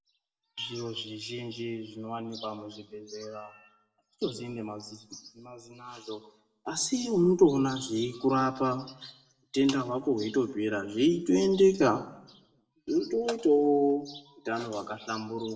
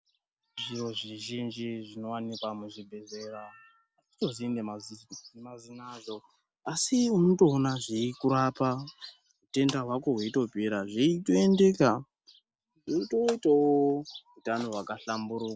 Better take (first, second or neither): second